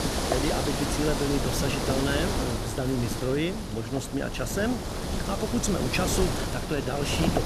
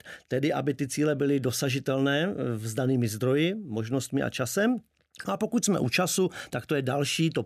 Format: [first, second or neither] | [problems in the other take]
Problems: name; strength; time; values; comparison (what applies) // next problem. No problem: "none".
second | wind noise on the microphone; heavy; as loud as the speech